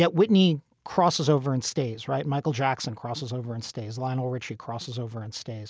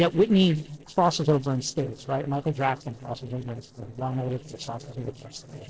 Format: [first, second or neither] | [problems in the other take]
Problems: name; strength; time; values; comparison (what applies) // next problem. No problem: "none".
first | noise reduction (neural separator model SepFormer DNS4)